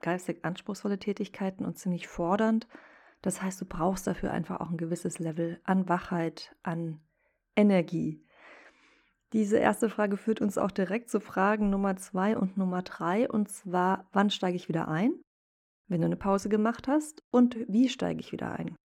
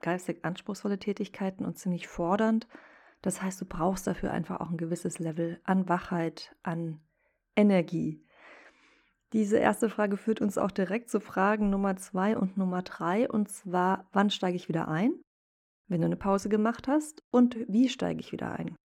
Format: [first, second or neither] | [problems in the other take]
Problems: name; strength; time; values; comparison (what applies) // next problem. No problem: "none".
neither | muffled; slightly; fading above 3 kHz; the same in both